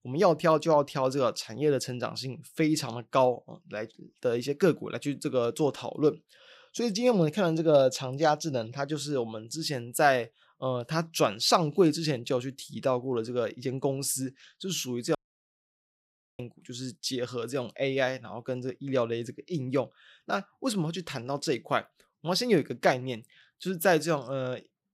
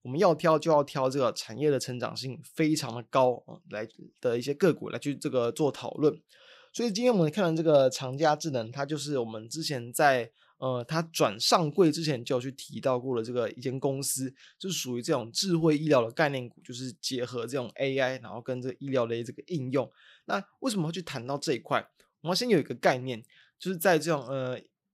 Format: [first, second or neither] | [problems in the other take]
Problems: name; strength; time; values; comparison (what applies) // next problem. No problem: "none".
second | audio cutting out; at 15 s for 1 s